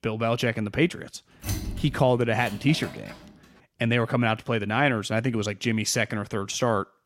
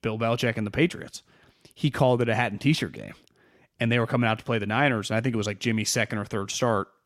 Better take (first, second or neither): second